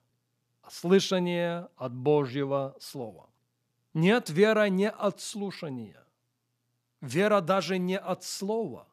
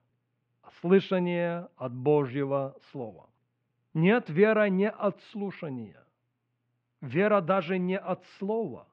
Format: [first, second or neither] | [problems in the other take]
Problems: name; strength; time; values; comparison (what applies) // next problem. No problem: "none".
first | muffled; very; fading above 2.5 kHz